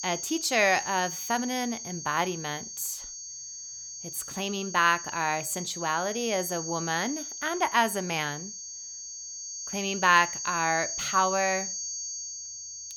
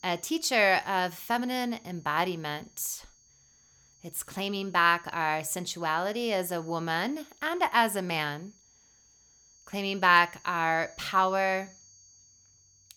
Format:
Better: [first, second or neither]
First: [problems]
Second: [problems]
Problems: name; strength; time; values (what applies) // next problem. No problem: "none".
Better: second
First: high-pitched whine; loud; throughout; 6.5 kHz, 7 dB below the speech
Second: high-pitched whine; faint; throughout; 6.5 kHz, 30 dB below the speech